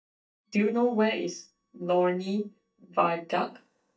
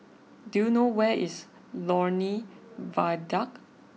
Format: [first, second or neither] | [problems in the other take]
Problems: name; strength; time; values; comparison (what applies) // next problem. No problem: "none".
second | noise reduction (neural mask model DeepFilterNet 3)